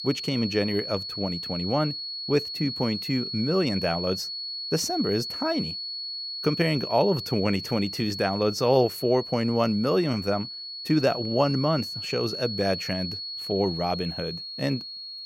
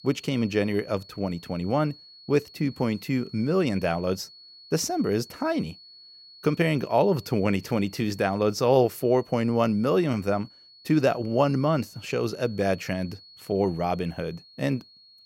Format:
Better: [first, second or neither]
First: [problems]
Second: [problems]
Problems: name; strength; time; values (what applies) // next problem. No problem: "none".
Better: second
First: high-pitched whine; loud; throughout; 4.5 kHz, 6 dB below the speech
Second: high-pitched whine; faint; throughout; 4.5 kHz, 20 dB below the speech